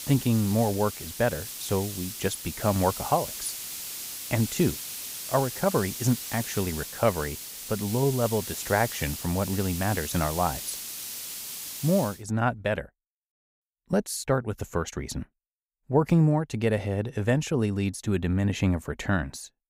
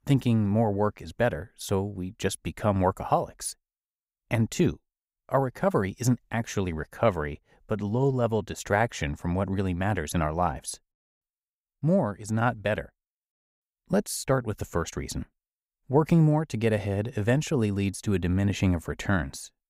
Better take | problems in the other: second | hiss; loud; until 12 s; 7 dB below the speech

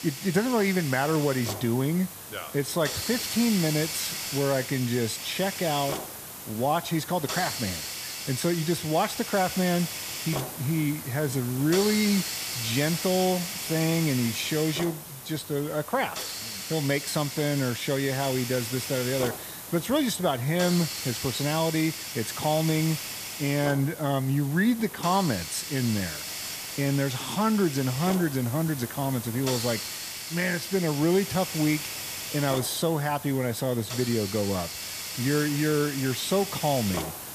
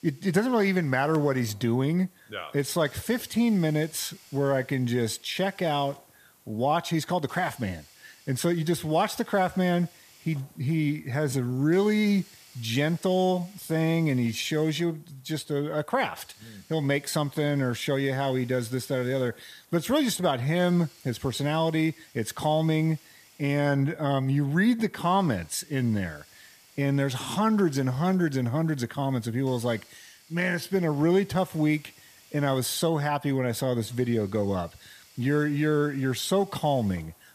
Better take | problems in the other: second | hiss; loud; throughout; 6 dB below the speech; faint in the second

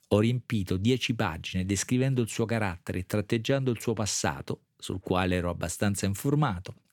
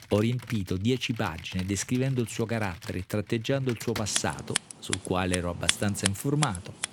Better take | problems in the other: first | household noises; loud; throughout; 3 dB below the speech

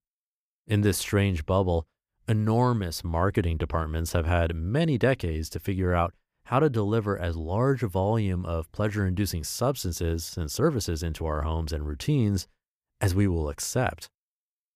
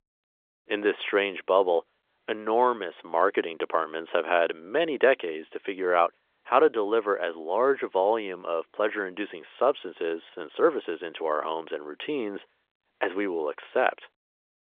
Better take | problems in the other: first | phone-call audio; nothing above 3.5 kHz

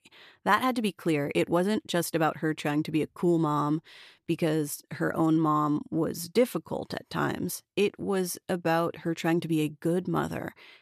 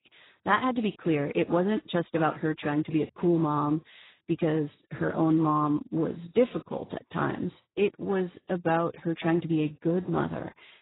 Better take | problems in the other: first | garbled, watery; badly; nothing above 4 kHz

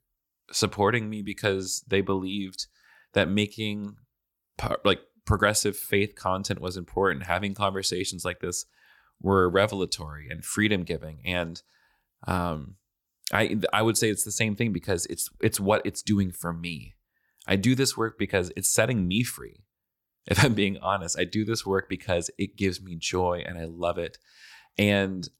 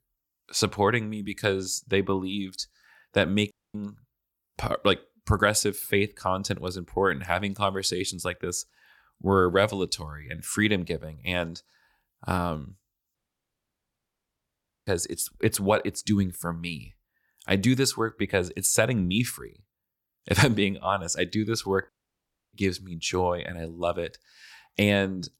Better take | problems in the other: first | audio cutting out; at 3.5 s, at 13 s for 1.5 s and at 22 s for 0.5 s

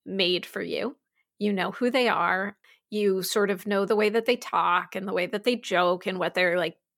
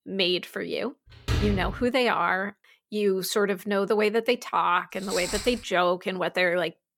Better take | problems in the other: first | door banging; noticeable; at 1.5 s; peak 2 dB below the speech // footsteps; noticeable; at 5 s; peak 5 dB below the speech

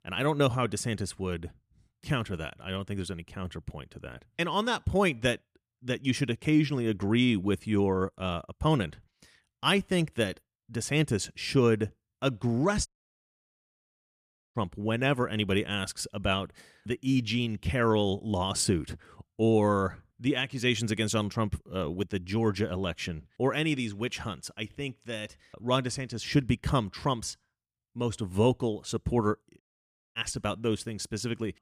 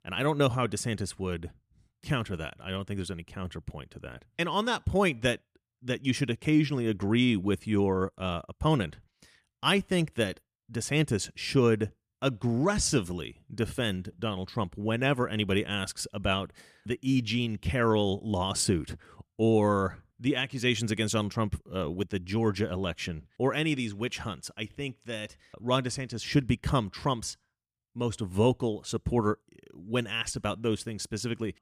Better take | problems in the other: second | audio cutting out; at 13 s for 1.5 s and at 30 s for 0.5 s

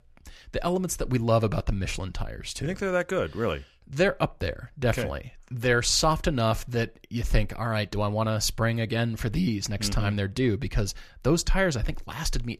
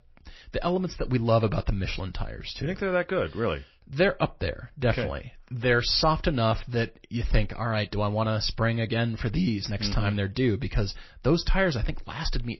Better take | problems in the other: first | garbled, watery; slightly; nothing above 5.5 kHz

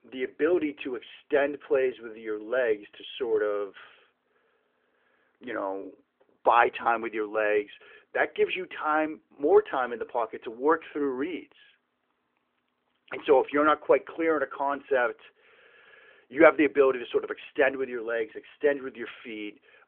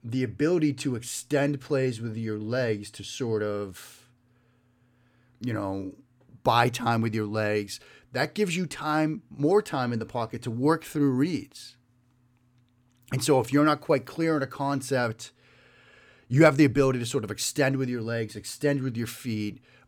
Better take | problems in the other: second | phone-call audio; nothing above 3.5 kHz

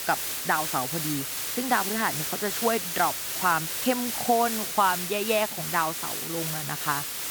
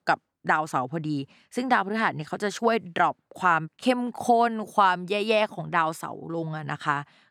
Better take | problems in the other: second | hiss; loud; throughout; 1 dB below the speech

